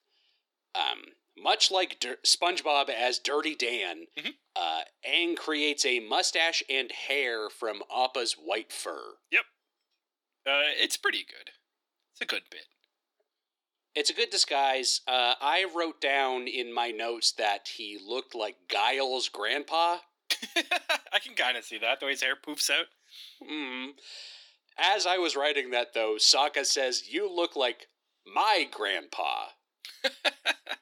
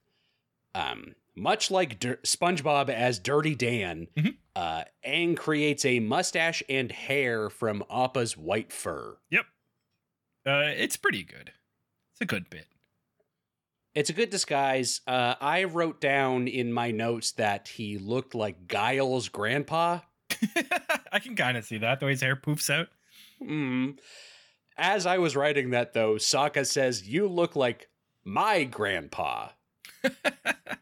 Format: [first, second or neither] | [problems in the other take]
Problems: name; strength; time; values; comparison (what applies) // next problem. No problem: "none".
second | thin; somewhat; fading below 300 Hz